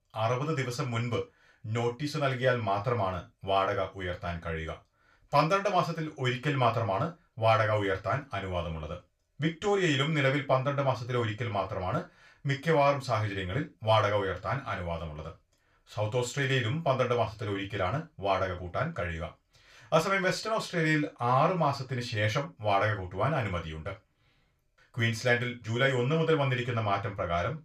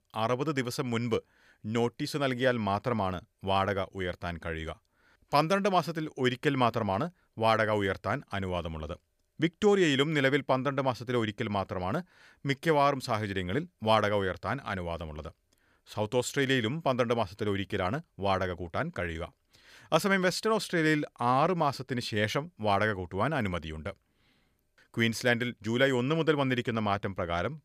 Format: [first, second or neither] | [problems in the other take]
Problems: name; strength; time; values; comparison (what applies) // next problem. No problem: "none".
second | room echo; slight; dies away in 0.2 s // off-mic speech; far